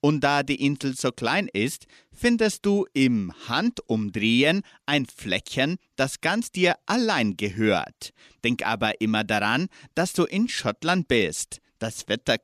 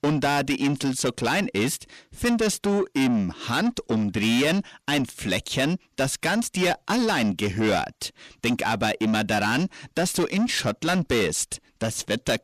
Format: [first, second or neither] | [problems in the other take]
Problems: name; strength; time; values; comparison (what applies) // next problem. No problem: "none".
first | distortion; heavy; 8 dB below the speech